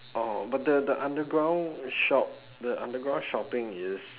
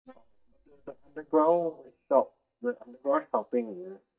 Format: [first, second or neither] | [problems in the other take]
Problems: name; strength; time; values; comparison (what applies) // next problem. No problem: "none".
first | noise reduction (neural mask model DeepFilterNet 3)